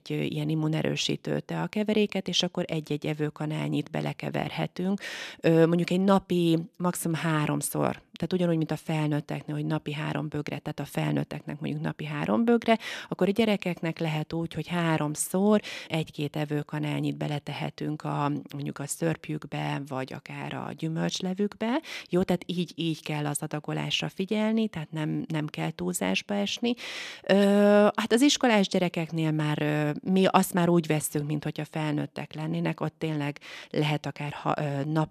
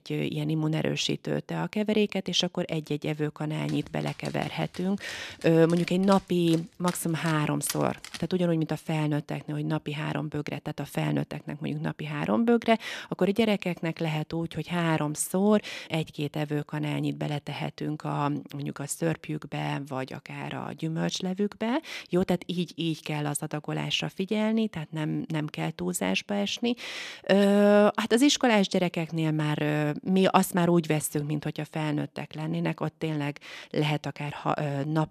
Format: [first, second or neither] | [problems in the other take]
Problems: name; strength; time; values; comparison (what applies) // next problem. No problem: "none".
first | dog barking; noticeable; from 3.5 to 8 s; peak 9 dB below the speech